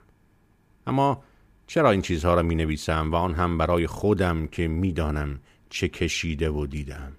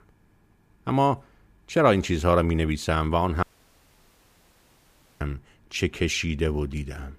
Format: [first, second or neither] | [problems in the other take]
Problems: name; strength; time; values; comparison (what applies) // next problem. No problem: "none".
first | audio cutting out; at 3.5 s for 2 s